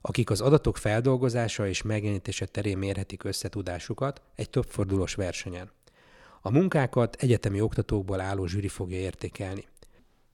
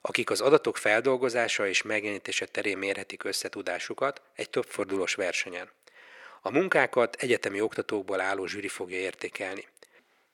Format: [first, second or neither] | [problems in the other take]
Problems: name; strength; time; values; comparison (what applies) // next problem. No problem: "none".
first | thin; very; fading below 450 Hz